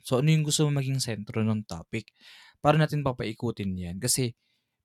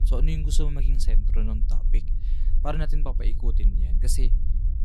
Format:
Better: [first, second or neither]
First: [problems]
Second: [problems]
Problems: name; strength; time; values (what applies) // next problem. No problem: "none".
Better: first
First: none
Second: low rumble; noticeable; throughout; 10 dB below the speech